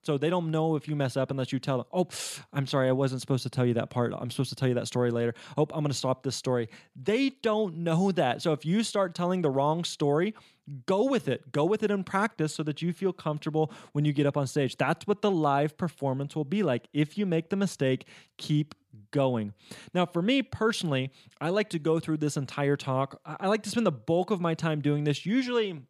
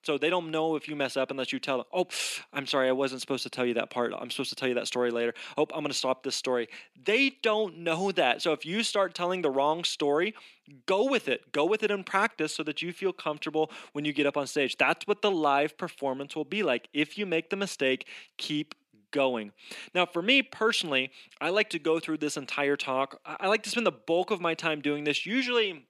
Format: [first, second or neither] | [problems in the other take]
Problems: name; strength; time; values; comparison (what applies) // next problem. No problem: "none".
first | thin; very slightly; fading below 250 Hz